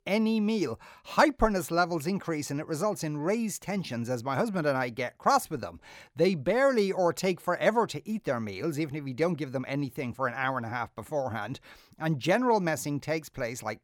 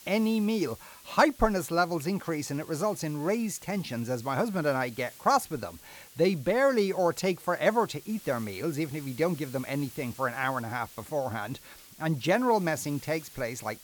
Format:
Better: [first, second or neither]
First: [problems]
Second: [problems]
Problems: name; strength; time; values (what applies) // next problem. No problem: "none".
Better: first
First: none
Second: hiss; noticeable; throughout; 20 dB below the speech